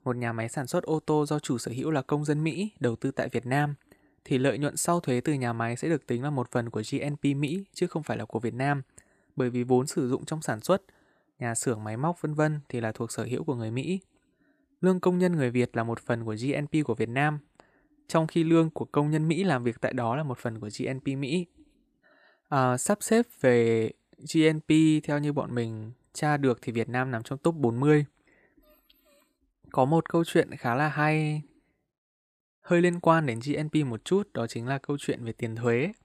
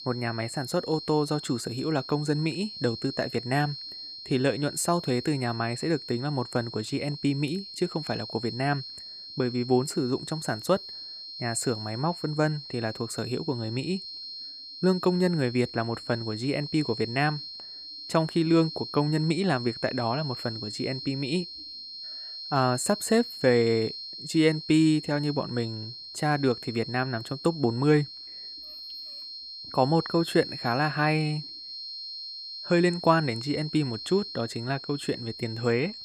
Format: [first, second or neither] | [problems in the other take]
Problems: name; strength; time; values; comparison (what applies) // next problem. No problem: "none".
first | high-pitched whine; loud; throughout; 4 kHz, 10 dB below the speech